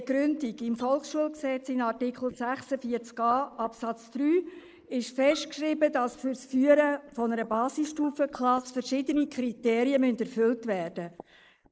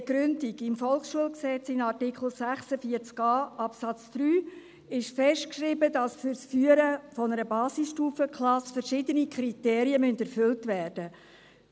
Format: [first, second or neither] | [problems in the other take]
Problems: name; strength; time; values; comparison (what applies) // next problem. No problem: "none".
second | noise reduction (neural mask model Resemble Enhance denoiser)